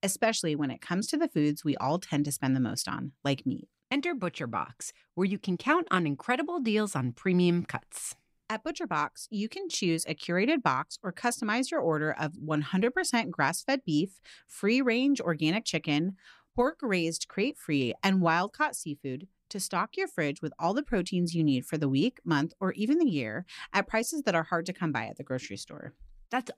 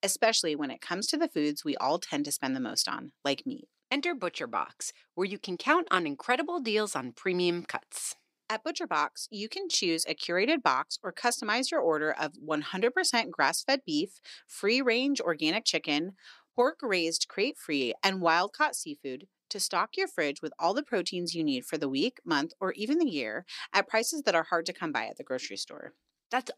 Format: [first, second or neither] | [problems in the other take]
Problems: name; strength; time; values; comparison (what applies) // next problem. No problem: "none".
first | thin; very slightly; fading below 400 Hz